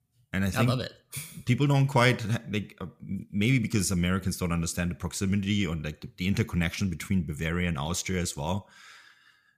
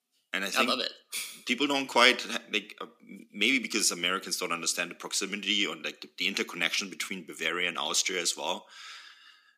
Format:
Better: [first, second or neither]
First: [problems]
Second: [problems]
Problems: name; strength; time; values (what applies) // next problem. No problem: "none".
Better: first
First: none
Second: thin; somewhat; fading below 250 Hz